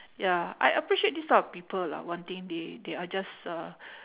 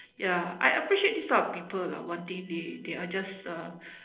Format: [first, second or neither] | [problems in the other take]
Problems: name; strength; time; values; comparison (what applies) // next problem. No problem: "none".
first | noise reduction (neural separator model SepFormer DNS4)